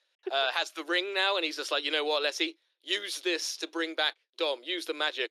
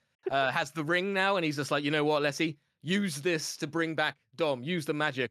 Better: second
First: thin; very; fading below 350 Hz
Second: none

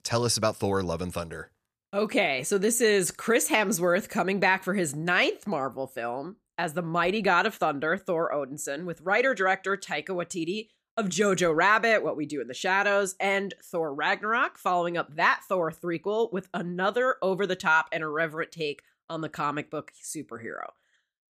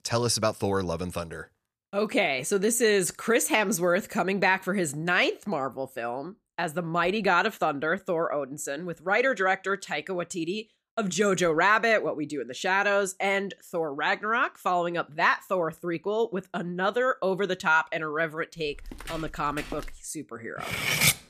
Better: first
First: none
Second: footsteps; faint; from 19 to 20 s; peak 15 dB below the speech // clattering dishes; loud; at 21 s; peak 5 dB above the speech

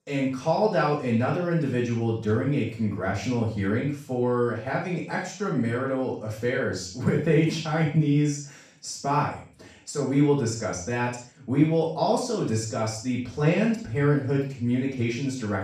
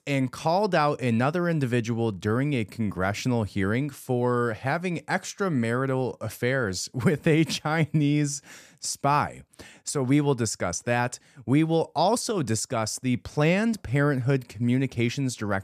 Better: second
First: room echo; strong; dies away in 0.4 s // off-mic speech; far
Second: none

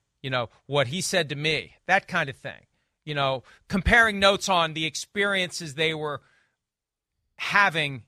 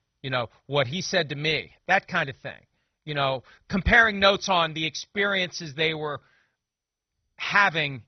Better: first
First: none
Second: garbled, watery; badly; nothing above 6 kHz

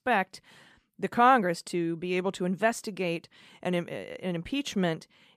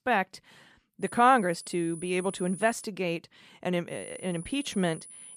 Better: first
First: none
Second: high-pitched whine; noticeable; from 1 to 3 s and from 4 s on; 10 kHz, 15 dB below the speech

